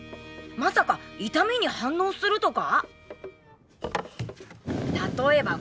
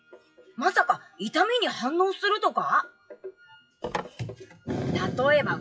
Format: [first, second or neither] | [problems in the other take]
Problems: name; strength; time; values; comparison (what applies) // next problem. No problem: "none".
first | noise reduction (classical method WPE with log-MMSE)